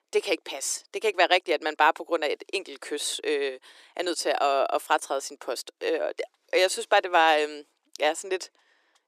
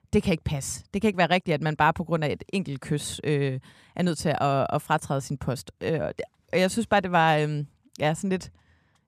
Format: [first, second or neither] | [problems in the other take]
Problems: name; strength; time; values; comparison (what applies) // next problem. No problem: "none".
second | thin; very; fading below 350 Hz